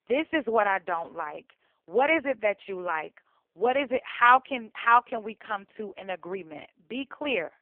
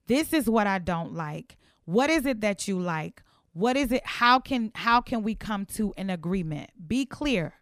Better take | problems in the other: second | phone-call audio; poor line; nothing above 3 kHz

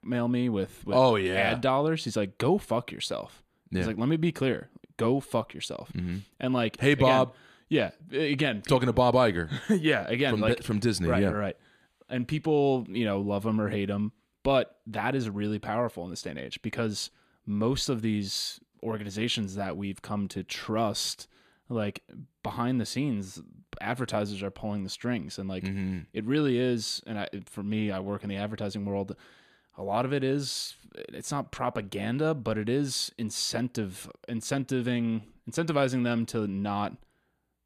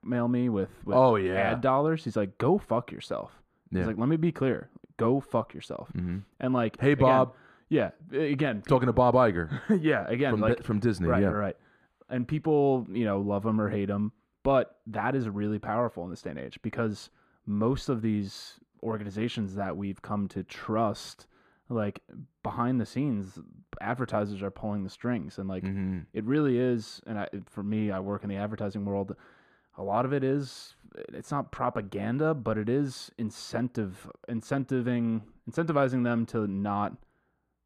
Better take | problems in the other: first | muffled; slightly; fading above 2 kHz

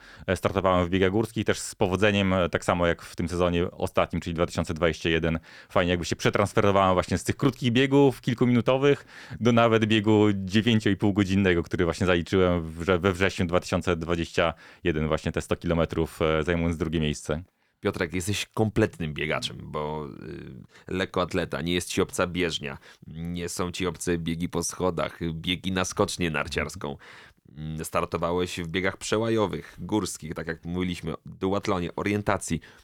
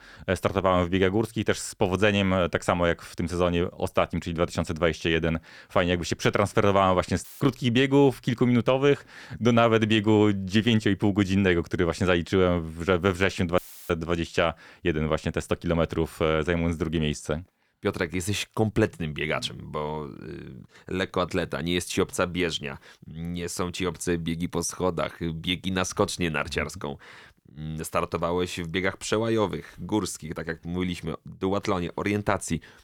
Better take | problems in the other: first | audio cutting out; filled with static; at 7 s and at 14 s

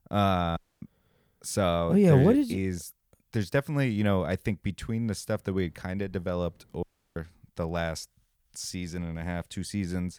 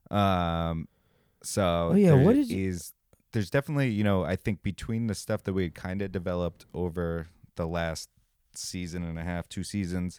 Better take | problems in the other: second | audio cutting out; at 0.5 s and at 7 s

